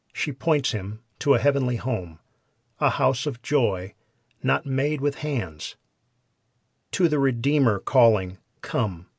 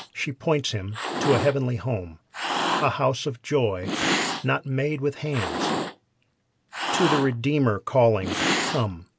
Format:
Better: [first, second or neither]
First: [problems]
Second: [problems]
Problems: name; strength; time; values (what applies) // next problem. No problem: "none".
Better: first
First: none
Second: background sound (Cat); 4 dB below the speech